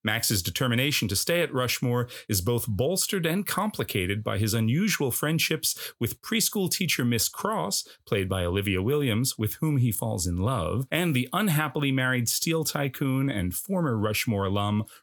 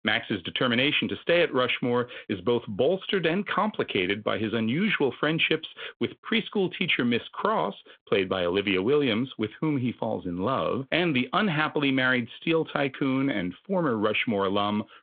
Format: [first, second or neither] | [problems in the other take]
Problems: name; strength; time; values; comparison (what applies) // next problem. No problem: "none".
first | phone-call audio